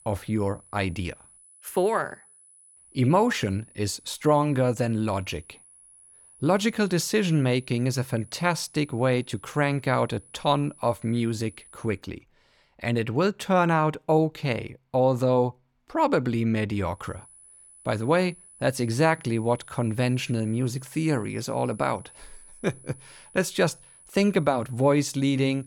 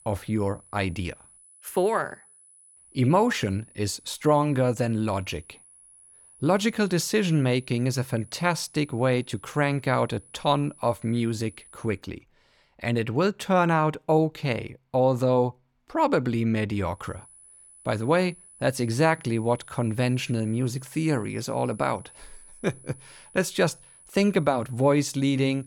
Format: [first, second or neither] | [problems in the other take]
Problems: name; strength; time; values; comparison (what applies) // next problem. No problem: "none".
neither | high-pitched whine; faint; until 12 s and from 17 s on; 10 kHz, 25 dB below the speech; the same in both